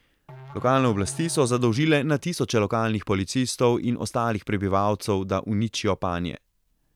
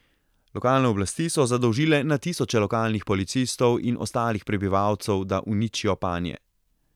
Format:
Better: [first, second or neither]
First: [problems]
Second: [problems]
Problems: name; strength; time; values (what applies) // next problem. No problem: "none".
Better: second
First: background sound (Musical instrument); 19 dB below the speech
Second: none